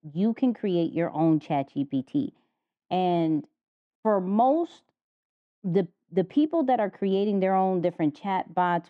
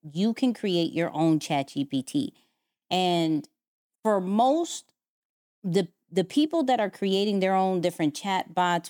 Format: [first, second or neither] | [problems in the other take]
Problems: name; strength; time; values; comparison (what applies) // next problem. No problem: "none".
second | muffled; very; fading above 1.5 kHz